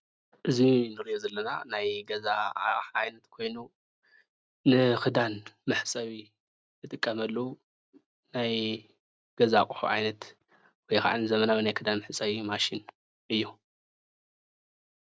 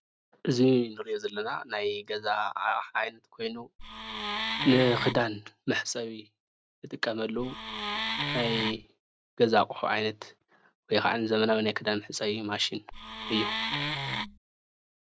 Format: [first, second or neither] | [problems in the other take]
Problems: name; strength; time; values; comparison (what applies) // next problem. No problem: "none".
first | background sound (Wood); 3 dB below the speech